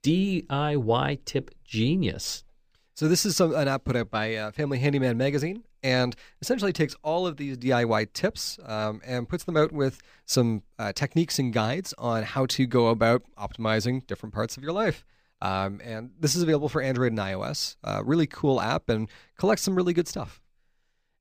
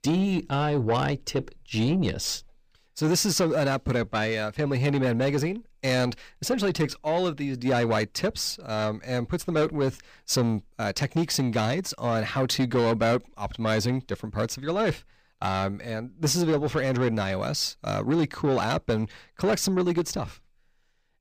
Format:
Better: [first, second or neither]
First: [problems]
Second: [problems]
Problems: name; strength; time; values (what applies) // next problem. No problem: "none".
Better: first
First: none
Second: distortion; slight; 10 dB below the speech